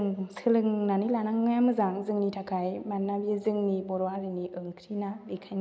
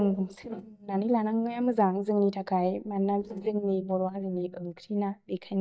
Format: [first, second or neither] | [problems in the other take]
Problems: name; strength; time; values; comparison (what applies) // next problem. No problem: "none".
first | noise reduction (neural mask model DeepFilterNet 3)